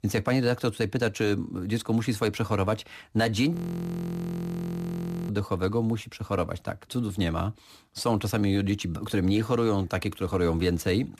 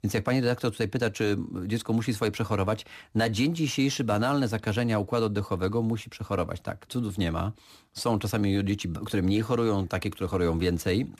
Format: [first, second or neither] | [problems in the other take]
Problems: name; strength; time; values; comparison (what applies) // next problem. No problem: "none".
second | audio freezing; at 3.5 s for 1.5 s